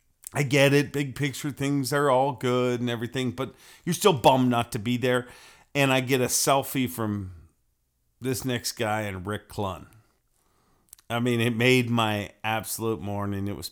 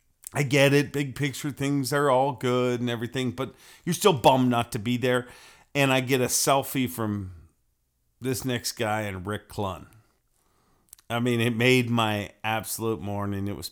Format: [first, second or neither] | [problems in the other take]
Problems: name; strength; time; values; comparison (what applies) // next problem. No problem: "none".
neither | none